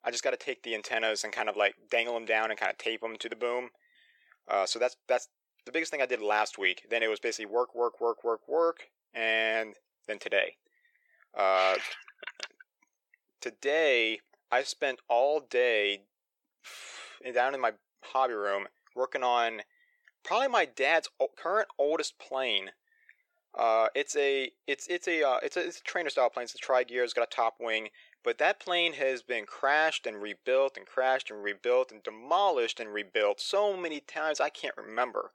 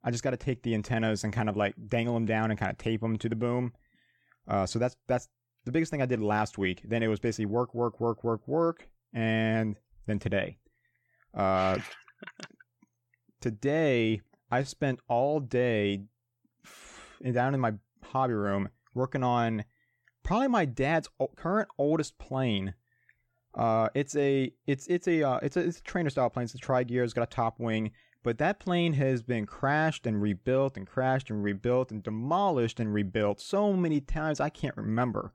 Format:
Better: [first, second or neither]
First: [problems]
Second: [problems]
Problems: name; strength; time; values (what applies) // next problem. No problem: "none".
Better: second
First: thin; very; fading below 450 Hz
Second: none